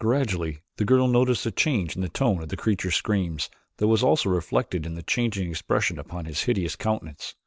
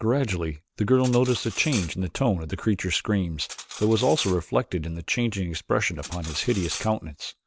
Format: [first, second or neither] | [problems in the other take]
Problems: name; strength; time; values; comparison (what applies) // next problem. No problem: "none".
first | background sound (Cutlery, silverware); 16 dB below the speech